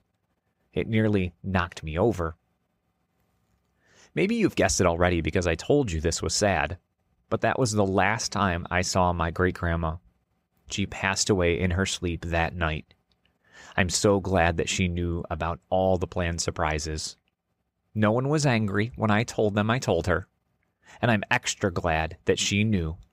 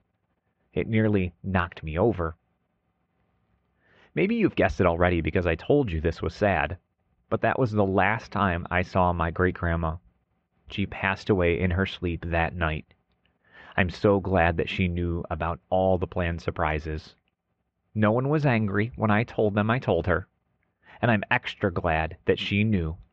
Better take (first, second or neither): first